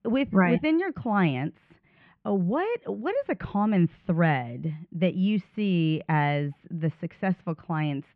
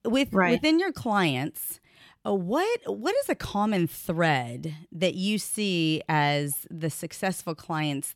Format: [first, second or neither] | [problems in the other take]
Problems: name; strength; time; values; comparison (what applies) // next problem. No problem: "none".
second | muffled; very; fading above 2.5 kHz